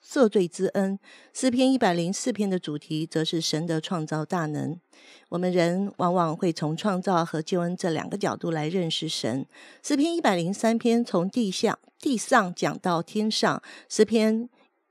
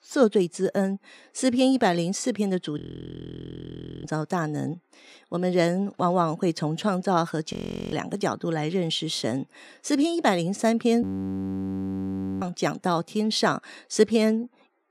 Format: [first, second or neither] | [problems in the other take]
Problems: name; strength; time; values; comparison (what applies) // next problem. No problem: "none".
first | audio freezing; at 3 s for 1.5 s, at 7.5 s and at 11 s for 1.5 s